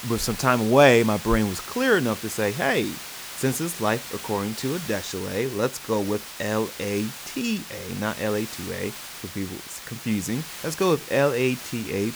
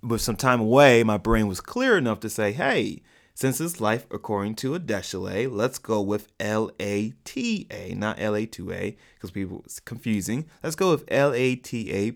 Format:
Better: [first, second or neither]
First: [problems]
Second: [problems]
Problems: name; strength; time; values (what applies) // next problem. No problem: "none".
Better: second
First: hiss; noticeable; throughout; 10 dB below the speech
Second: none